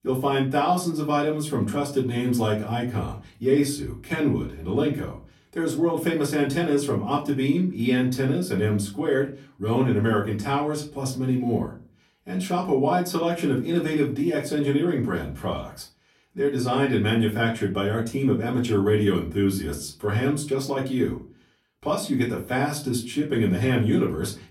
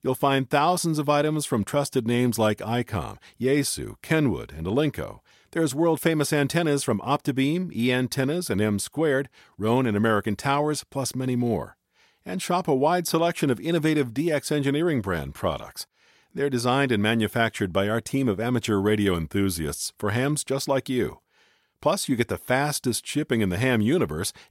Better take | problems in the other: second | off-mic speech; far // room echo; very slight; dies away in 0.3 s

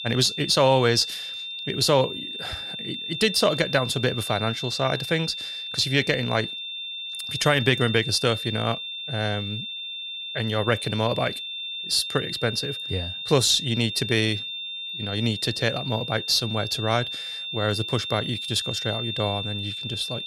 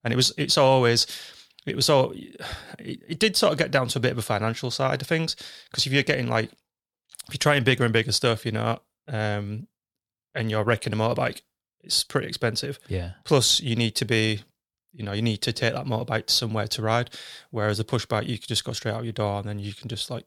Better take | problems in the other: second | high-pitched whine; loud; throughout; 3.5 kHz, 6 dB below the speech

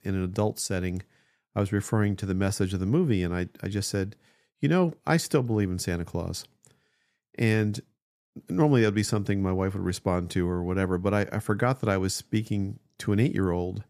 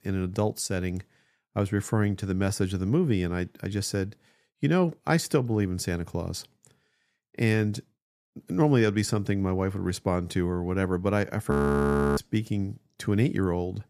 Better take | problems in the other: first | audio freezing; at 12 s for 0.5 s

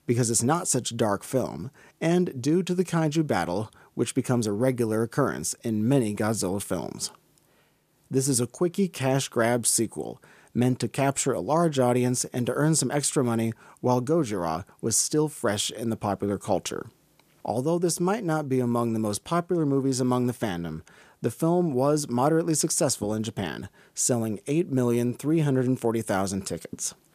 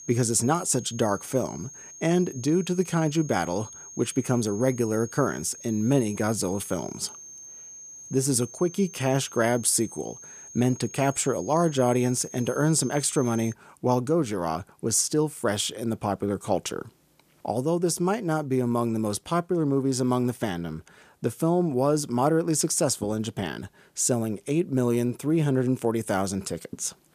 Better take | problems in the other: first | high-pitched whine; noticeable; until 14 s; 6.5 kHz, 15 dB below the speech

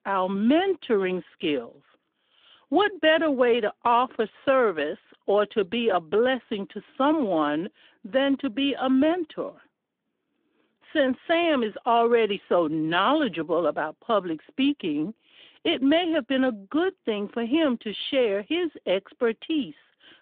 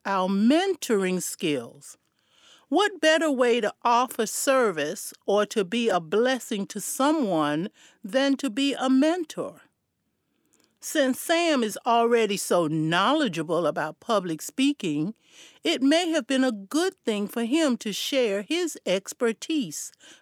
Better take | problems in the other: second | phone-call audio

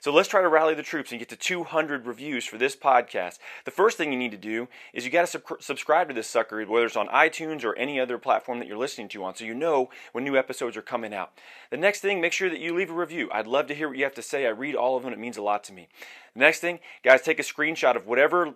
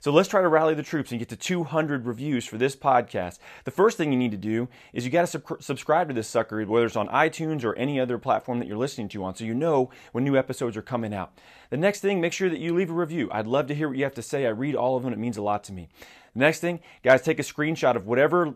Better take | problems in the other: second | thin; somewhat; fading below 350 Hz

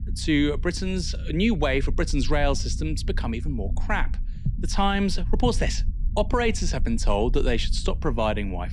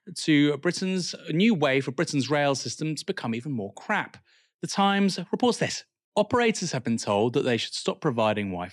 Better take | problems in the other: second | low rumble; faint; throughout; 20 dB below the speech

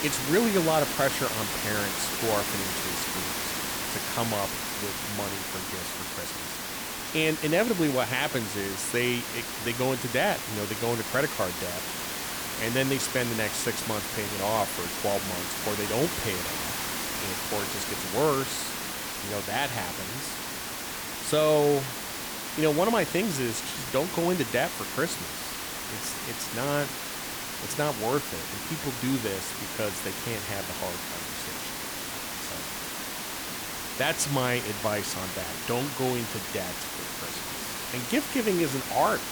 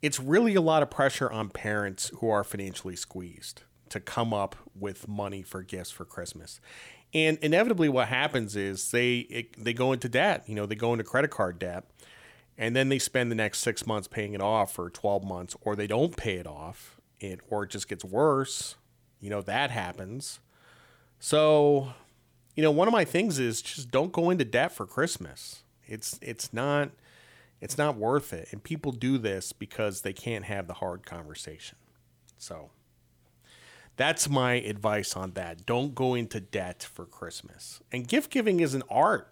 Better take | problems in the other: second | hiss; loud; throughout; 2 dB below the speech

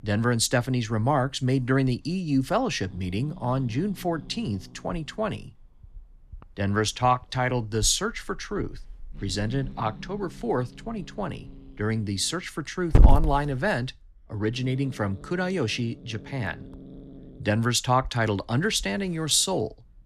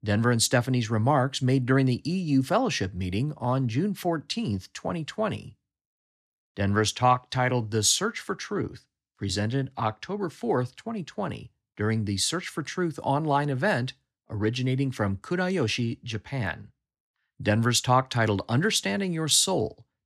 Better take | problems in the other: second | hiss; loud; throughout; 4 dB below the speech

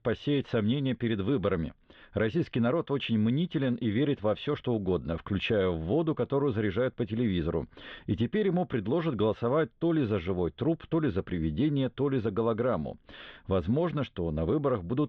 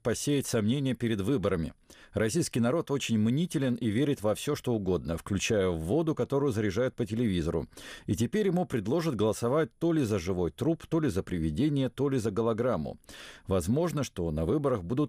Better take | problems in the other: second | muffled; very; fading above 3.5 kHz

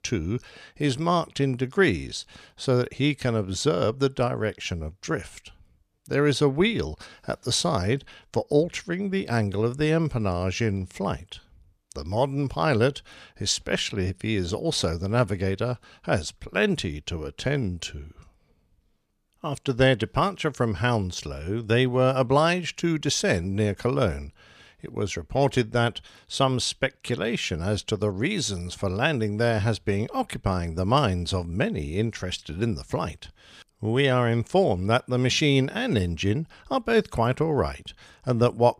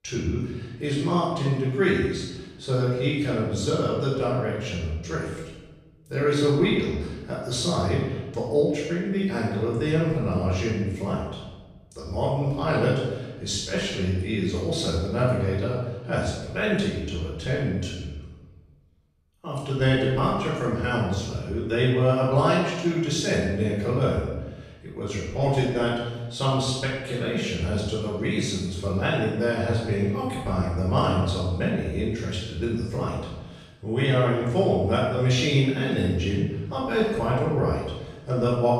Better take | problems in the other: first | off-mic speech; far // room echo; strong; dies away in 1 s

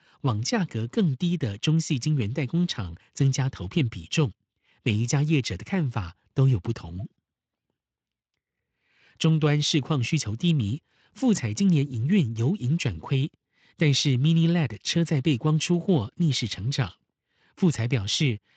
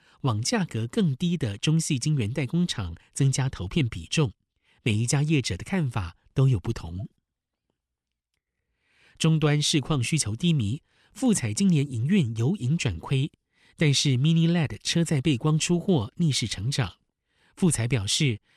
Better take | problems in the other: second | garbled, watery; slightly; nothing above 7.5 kHz

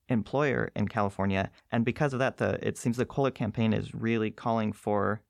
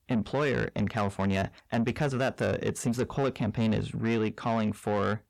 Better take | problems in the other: first | distortion; slight; 10 dB below the speech

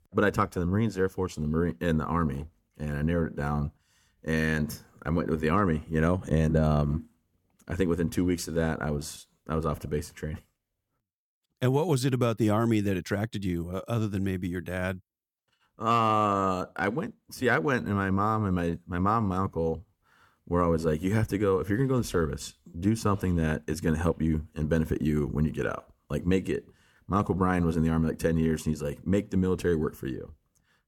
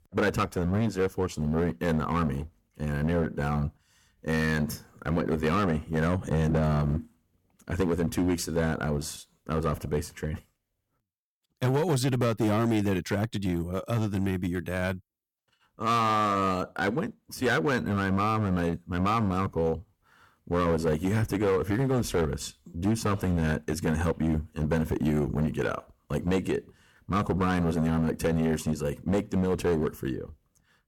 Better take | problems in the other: first | distortion; slight; 9% of the sound clipped

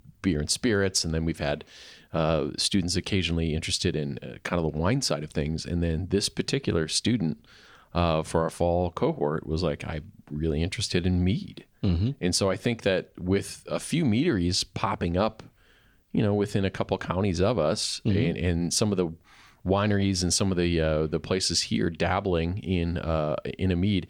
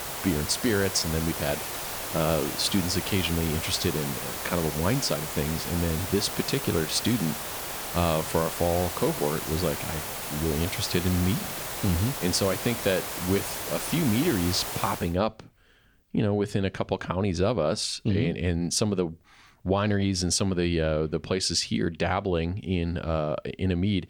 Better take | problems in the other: first | hiss; loud; until 15 s; 5 dB below the speech

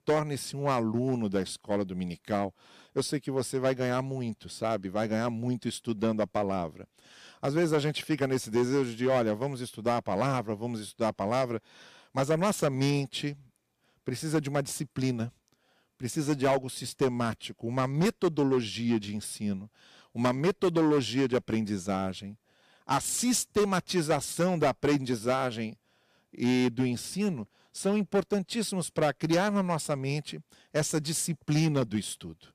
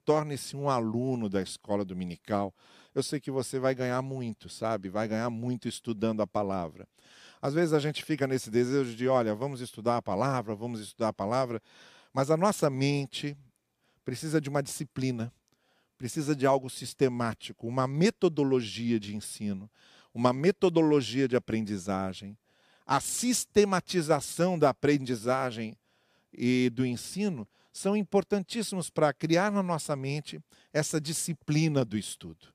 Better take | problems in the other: second | distortion; slight; 5% of the sound clipped

